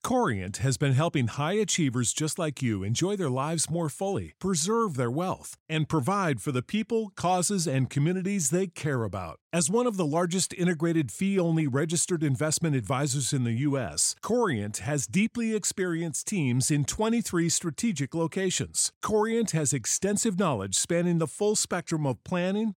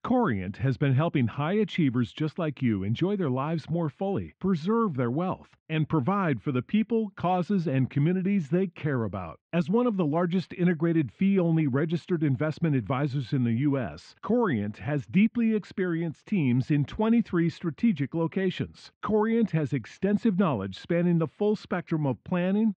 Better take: first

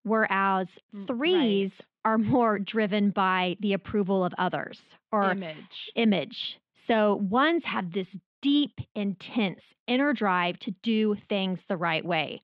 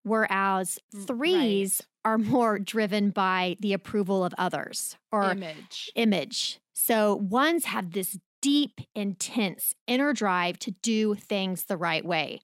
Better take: second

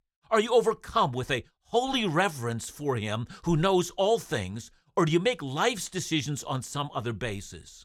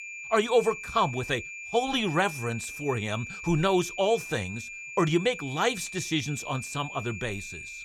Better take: first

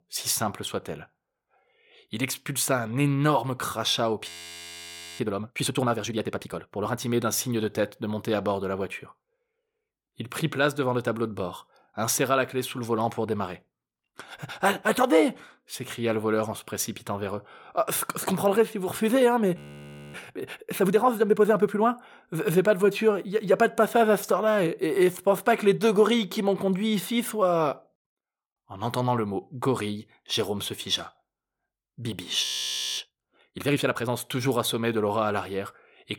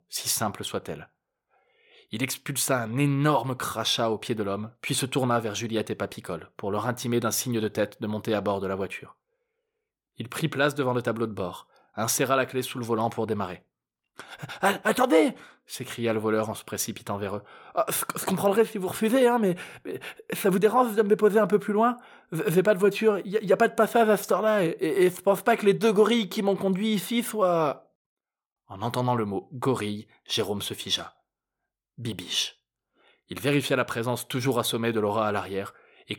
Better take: second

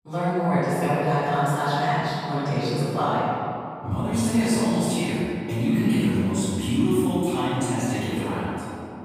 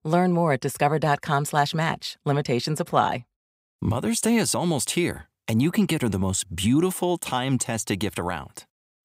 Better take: second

